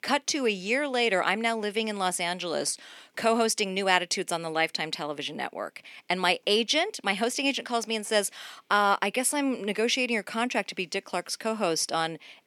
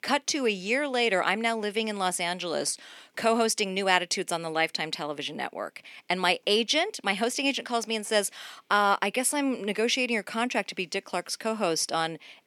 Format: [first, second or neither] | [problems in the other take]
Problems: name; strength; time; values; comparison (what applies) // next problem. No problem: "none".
neither | thin; very slightly; fading below 250 Hz; the same in both